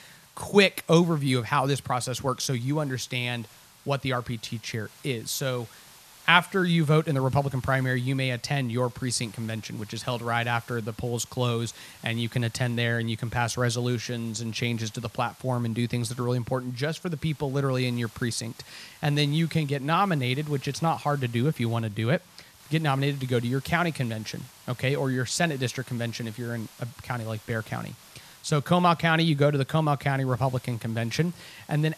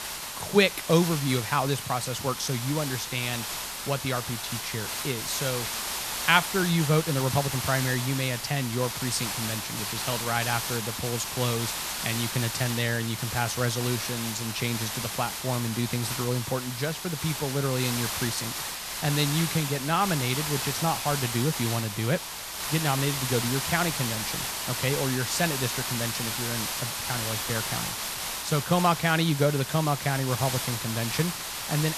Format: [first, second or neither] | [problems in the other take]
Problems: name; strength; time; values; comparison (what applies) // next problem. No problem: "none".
first | hiss; loud; throughout; 2 dB below the speech; faint in the first